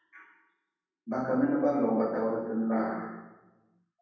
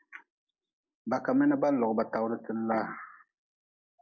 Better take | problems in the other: second | room echo; dies away in 1.1 s

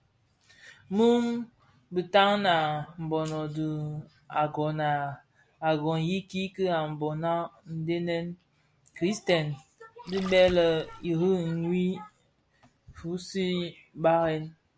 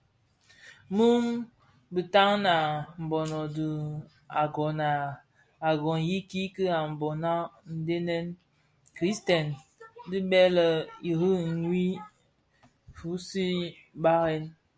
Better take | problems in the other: second | background sound (Splash, splatter); 14 dB below the speech

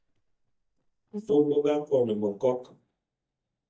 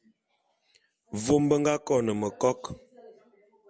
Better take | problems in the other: second | noise reduction (neural mask model DeepFilterNet 3)

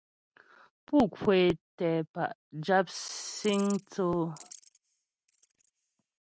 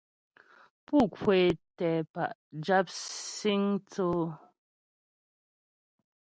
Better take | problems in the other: second | noise reduction (neural mask model RNNoise)

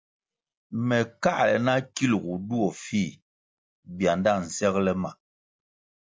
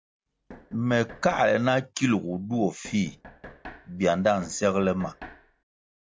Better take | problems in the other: first | background sound (Knock); 20 dB below the speech

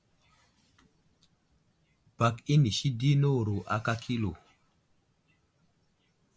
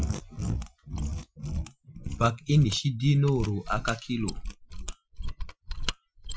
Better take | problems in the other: first | noise reduction (classical method Wiener filter)

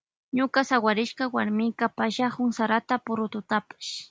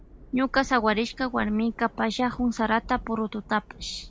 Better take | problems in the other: first | background sound (Thunder / Rain); 18 dB below the speech

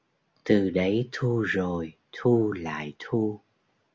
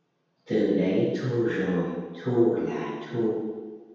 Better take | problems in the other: first | room echo; dies away in 1.2 s

